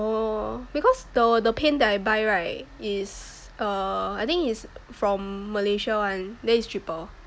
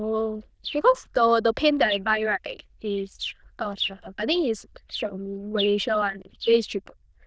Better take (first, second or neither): first